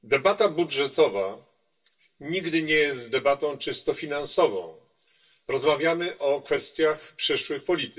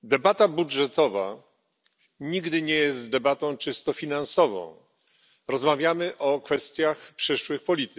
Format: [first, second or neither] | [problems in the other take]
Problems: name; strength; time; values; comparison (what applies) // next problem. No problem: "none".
second | room echo; dies away in 0.1 s